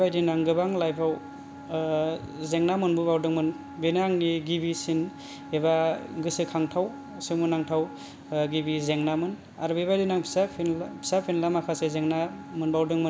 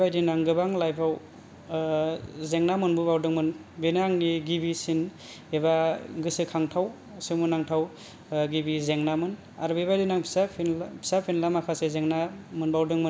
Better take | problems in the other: second | background sound (Wind instrument, woodwind instrument); 17 dB below the speech

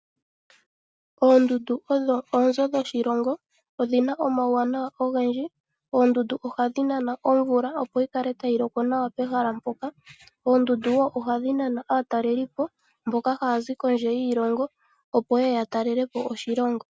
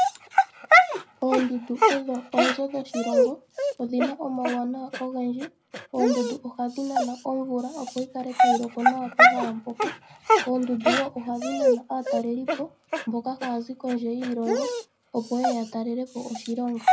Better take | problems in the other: first | background sound (Dog); 3 dB above the speech // room echo; dies away in 0.3 s

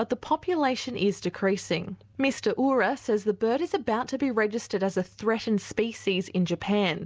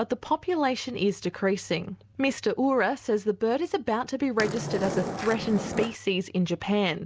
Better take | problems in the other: first | background sound (Skateboard); 5 dB below the speech

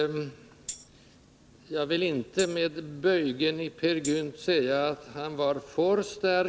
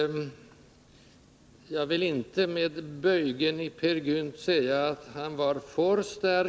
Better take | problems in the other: second | background sound (Tambourine); 12 dB below the speech

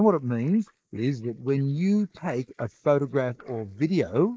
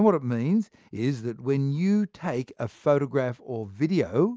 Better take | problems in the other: second | noise reduction (neural mask model Resemble Enhance denoiser)

